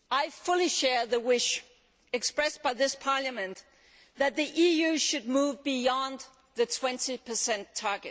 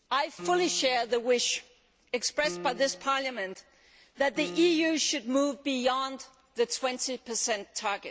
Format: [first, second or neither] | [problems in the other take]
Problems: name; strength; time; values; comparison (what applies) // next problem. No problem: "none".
first | background sound (Piano); 15 dB below the speech